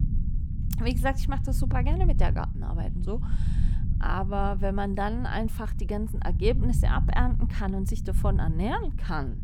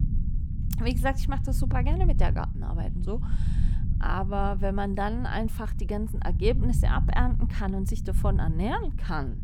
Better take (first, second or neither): neither